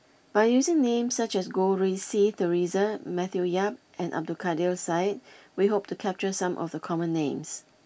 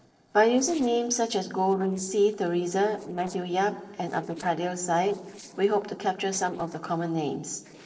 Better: first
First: none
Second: noise reduction (neural separator model SepFormer DNS4)

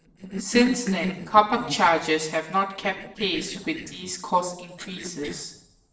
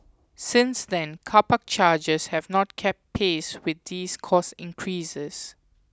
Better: second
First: noise reduction (neural separator model SepFormer DNS4)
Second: none

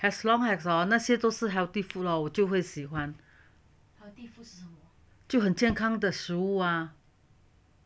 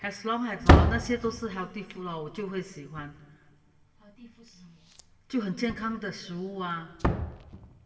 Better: first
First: none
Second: background sound (Slam); 5 dB above the speech // room echo; dies away in 2 s

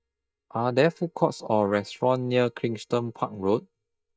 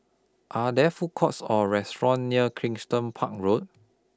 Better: second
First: noise reduction (neural mask model DeepFilterNet 3)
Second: none

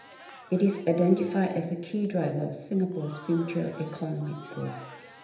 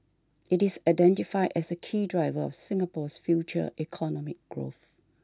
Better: second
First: background sound (Crowd); 19 dB below the speech // room echo; dies away in 0.8 s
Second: none

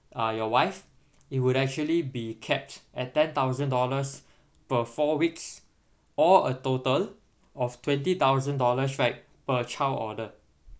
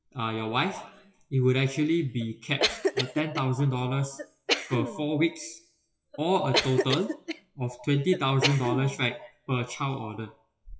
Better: first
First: none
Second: noise reduction (classical method WPE with log-MMSE)

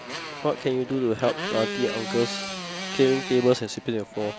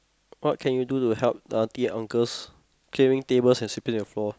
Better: second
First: background sound (Motorcycle); 8 dB below the speech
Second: none

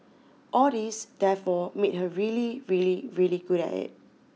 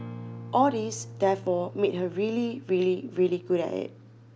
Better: first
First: none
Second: background sound (Acoustic guitar); 16 dB below the speech

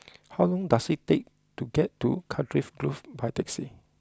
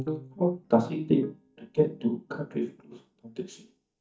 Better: first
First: none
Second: noise reduction (neural mask model DeepFilterNet 3)

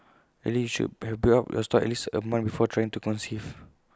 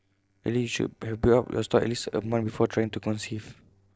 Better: first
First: none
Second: noise reduction (neural separator model SepFormer DNS4)

